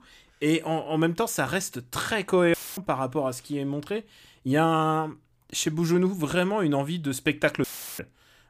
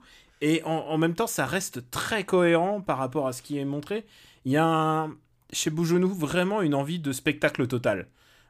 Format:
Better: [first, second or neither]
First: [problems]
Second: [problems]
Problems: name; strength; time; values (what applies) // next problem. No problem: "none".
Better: second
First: audio cutting out; filled with static; at 2.5 s and at 7.5 s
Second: none